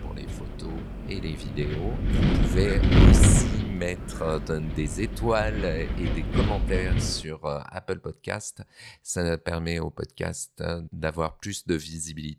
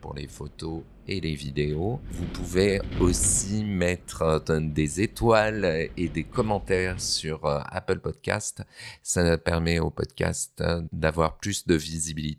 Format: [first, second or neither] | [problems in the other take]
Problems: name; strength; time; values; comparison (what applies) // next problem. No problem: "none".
second | wind noise on the microphone; heavy; until 7 s; as loud as the speech; occasional gusts in the second